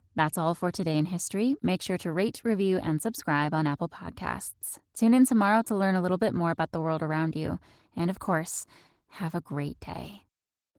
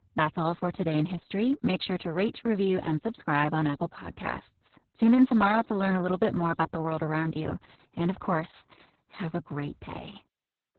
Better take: first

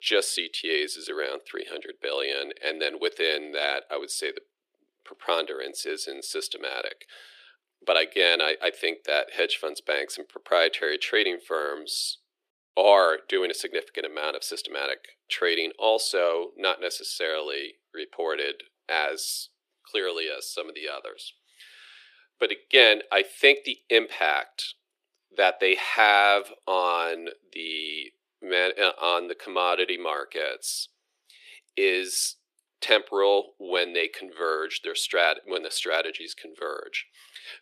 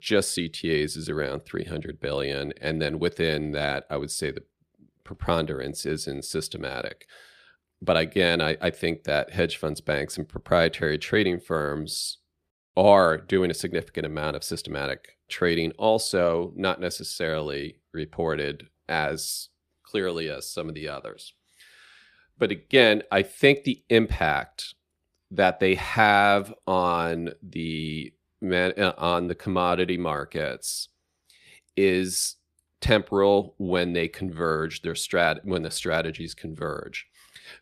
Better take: second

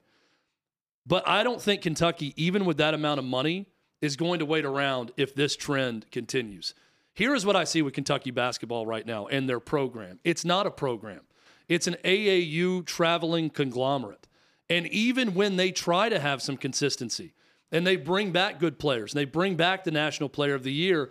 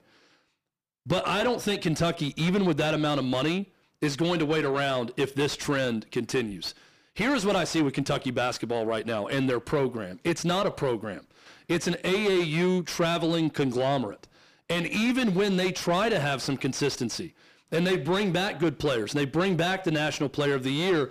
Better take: first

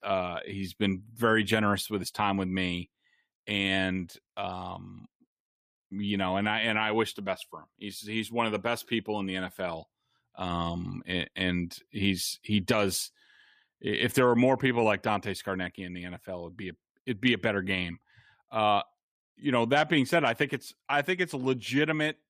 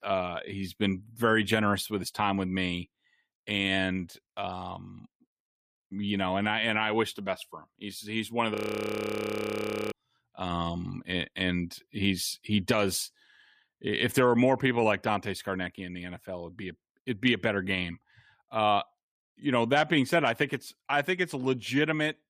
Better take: first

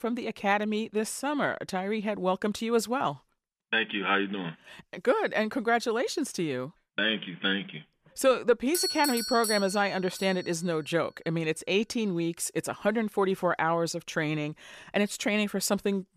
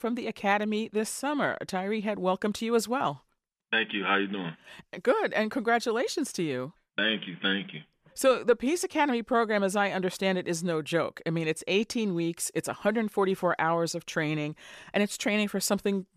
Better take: second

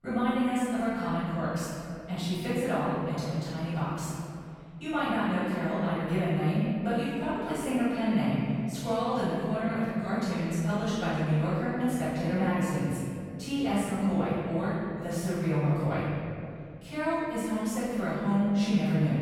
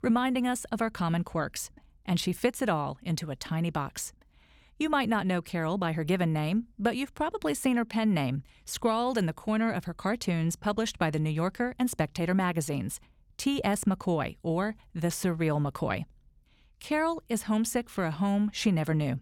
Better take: second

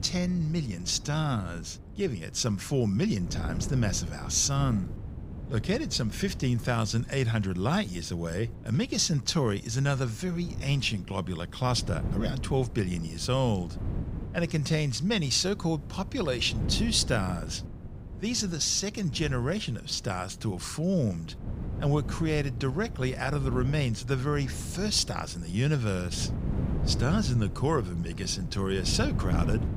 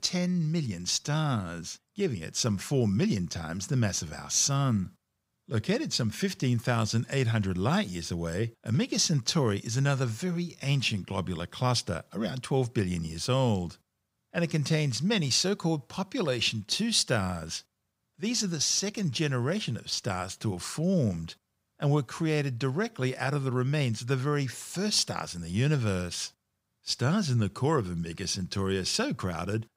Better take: second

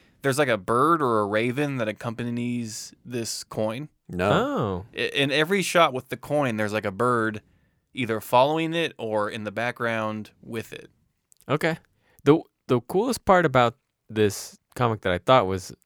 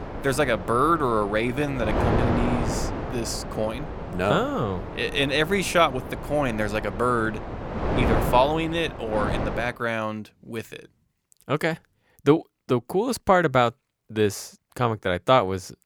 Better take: first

